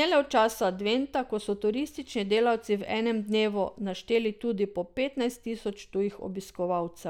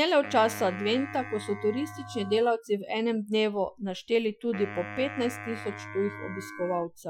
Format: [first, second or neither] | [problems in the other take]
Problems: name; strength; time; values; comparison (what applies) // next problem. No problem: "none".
first | noise reduction (classical method Wiener filter)